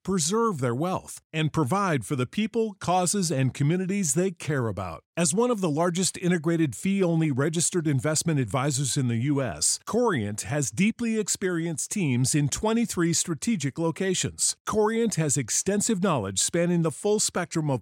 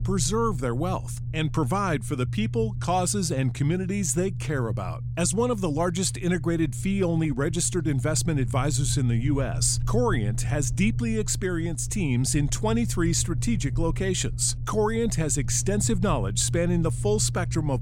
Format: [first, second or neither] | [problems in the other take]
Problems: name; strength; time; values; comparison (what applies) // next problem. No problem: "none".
first | low rumble; noticeable; throughout; 15 dB below the speech